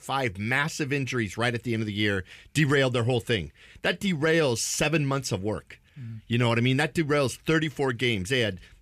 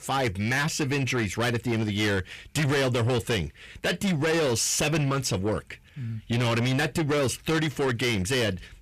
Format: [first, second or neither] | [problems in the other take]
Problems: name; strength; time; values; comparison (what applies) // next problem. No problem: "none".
first | distortion; heavy; 7 dB below the speech